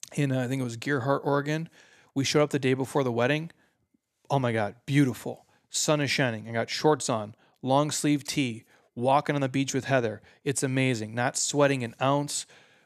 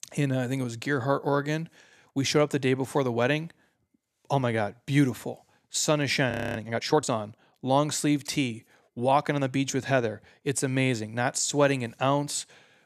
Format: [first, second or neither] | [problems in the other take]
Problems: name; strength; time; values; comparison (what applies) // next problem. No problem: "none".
first | audio freezing; at 6.5 s